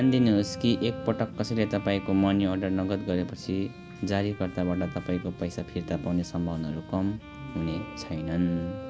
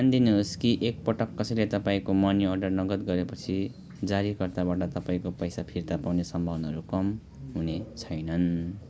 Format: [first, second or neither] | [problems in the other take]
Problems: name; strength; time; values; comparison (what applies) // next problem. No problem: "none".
second | background sound (Bowed string instrument); 15 dB below the speech